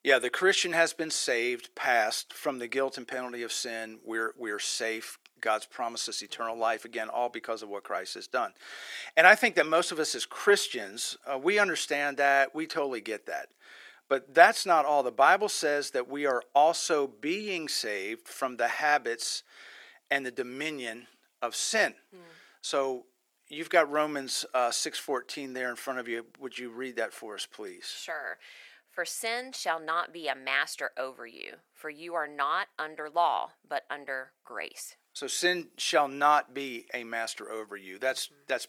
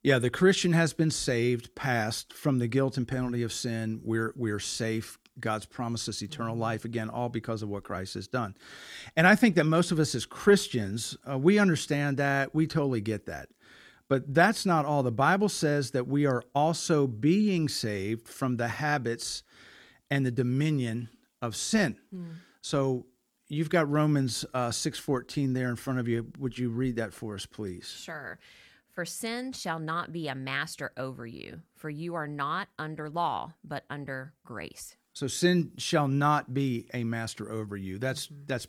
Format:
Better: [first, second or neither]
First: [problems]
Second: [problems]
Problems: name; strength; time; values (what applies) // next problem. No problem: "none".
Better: second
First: thin; very; fading below 450 Hz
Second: none